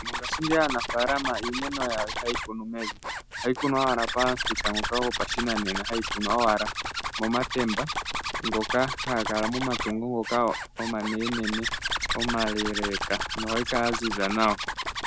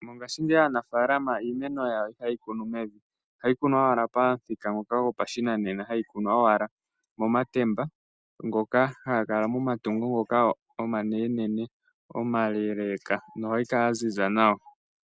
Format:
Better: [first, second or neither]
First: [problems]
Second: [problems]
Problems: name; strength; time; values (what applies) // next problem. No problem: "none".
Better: second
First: background sound (Zipper (clothing)); 3 dB below the speech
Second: none